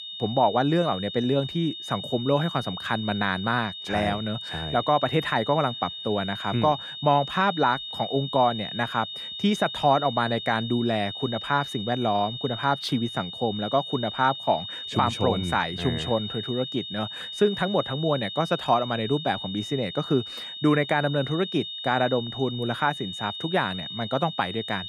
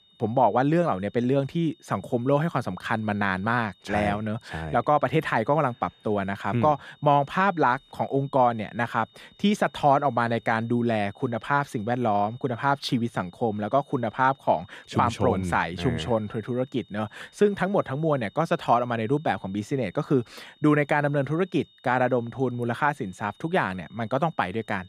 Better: second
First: high-pitched whine; loud; throughout; 3.5 kHz, 8 dB below the speech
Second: high-pitched whine; faint; throughout; 3.5 kHz, 30 dB below the speech

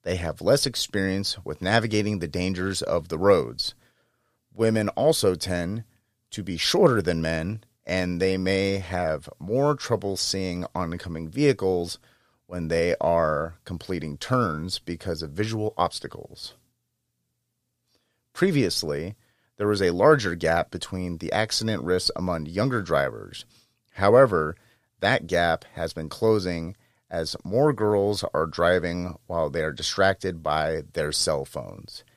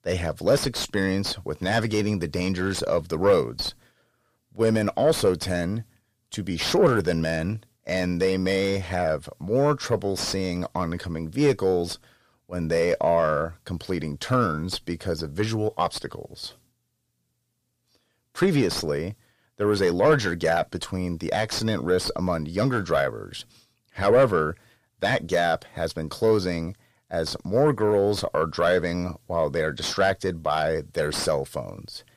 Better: first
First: none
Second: distortion; slight; 10 dB below the speech

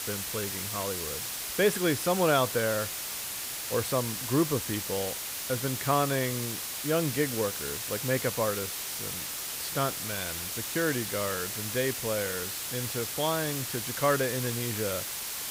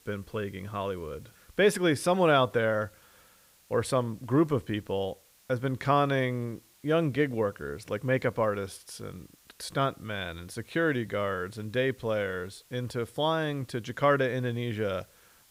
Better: second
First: hiss; loud; throughout; 2 dB below the speech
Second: hiss; faint; throughout; 30 dB below the speech

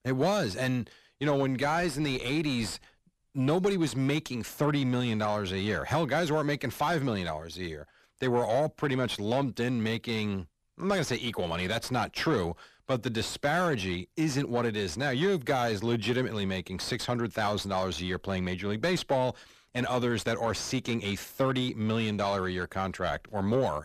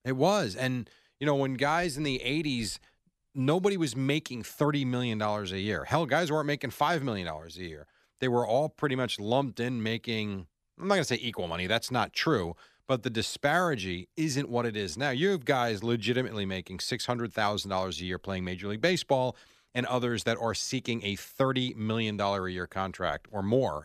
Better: second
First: distortion; slight; 10 dB below the speech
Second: none

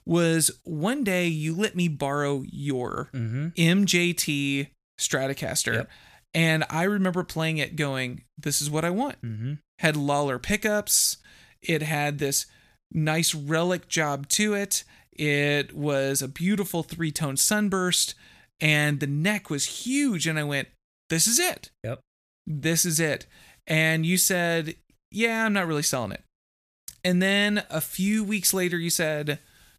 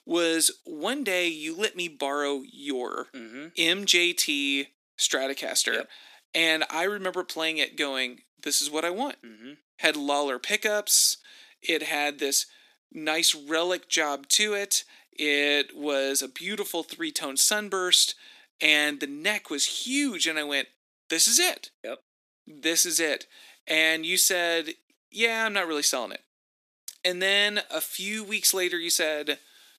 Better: first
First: none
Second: thin; somewhat; fading below 250 Hz

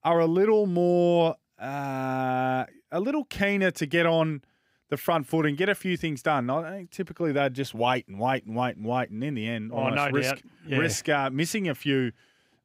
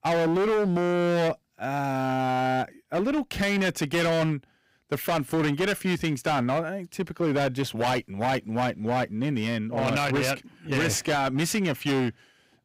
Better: first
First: none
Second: distortion; heavy; 23% of the sound clipped

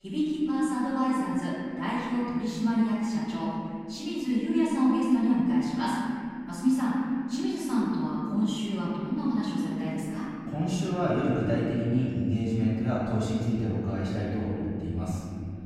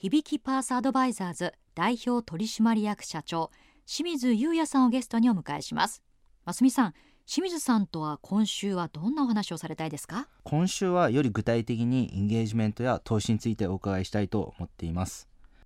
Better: second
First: off-mic speech; far // room echo; strong; dies away in 2.9 s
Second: none

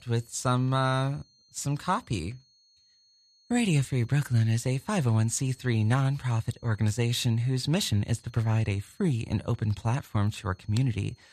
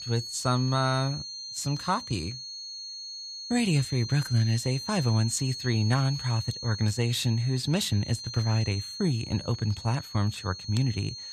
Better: first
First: high-pitched whine; faint; throughout; 4.5 kHz, 35 dB below the speech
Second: high-pitched whine; loud; throughout; 4.5 kHz, 9 dB below the speech

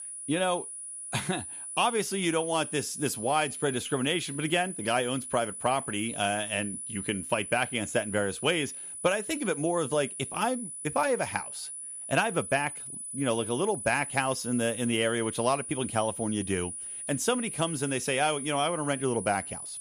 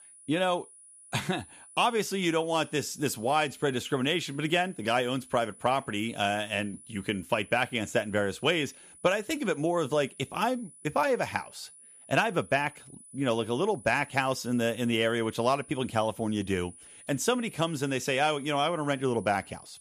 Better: second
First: high-pitched whine; loud; throughout; 9.5 kHz, 7 dB below the speech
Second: high-pitched whine; faint; throughout; 9.5 kHz, 20 dB below the speech

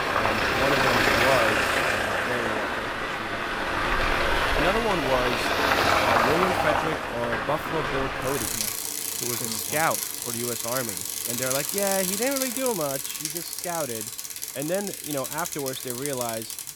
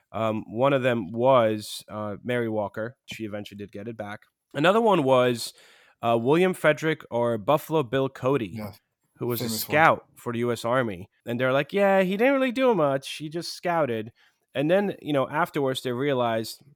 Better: second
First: traffic noise; very loud; throughout; 5 dB above the speech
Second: none

